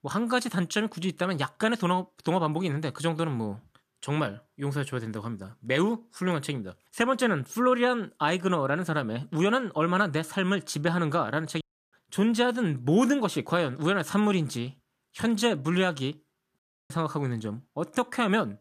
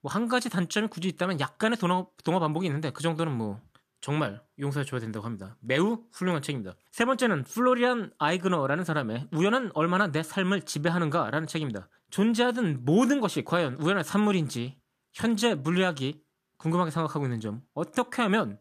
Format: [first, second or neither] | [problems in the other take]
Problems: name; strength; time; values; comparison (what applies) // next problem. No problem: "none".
second | audio cutting out; at 12 s and at 17 s